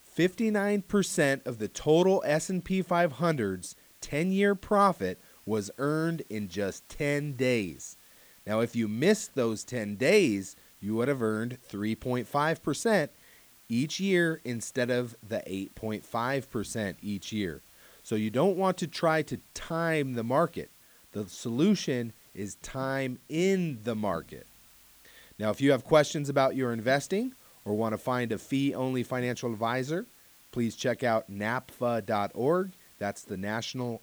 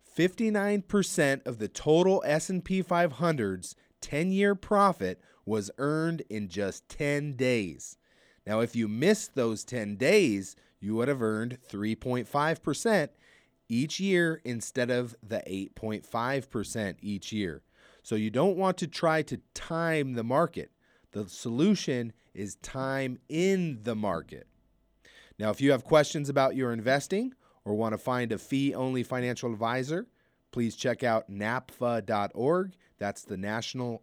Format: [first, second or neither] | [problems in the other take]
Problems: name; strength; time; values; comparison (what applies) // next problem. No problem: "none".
second | hiss; faint; throughout; 25 dB below the speech